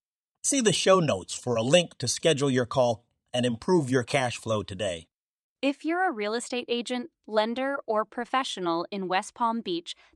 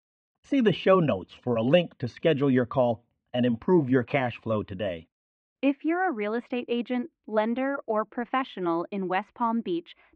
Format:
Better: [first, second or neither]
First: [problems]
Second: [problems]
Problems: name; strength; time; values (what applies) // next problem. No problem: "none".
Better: first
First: none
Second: muffled; very; fading above 2.5 kHz